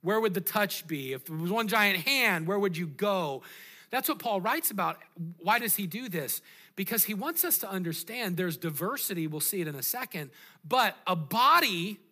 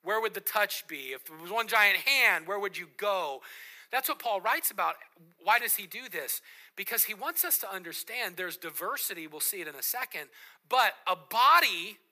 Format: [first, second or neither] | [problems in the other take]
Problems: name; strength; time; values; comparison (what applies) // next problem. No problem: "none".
first | thin; very; fading below 650 Hz